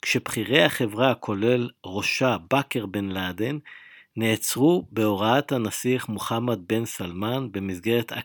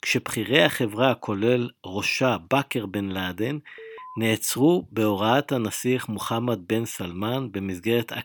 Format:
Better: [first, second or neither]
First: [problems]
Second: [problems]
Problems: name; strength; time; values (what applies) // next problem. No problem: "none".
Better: first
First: none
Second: alarm; faint; at 4 s; peak 15 dB below the speech